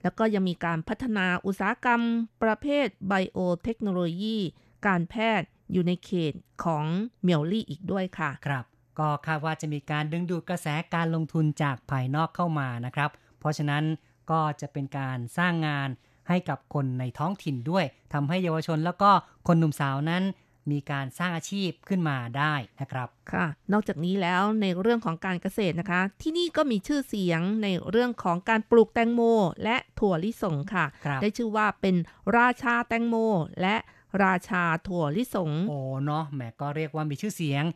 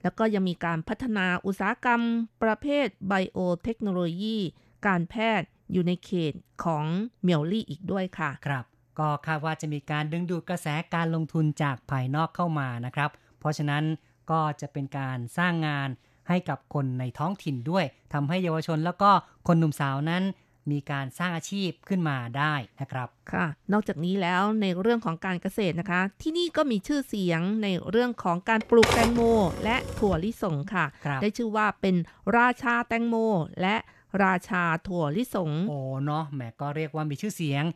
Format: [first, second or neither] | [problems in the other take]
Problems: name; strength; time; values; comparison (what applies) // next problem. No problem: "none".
first | keyboard typing; loud; from 29 to 30 s; peak 4 dB above the speech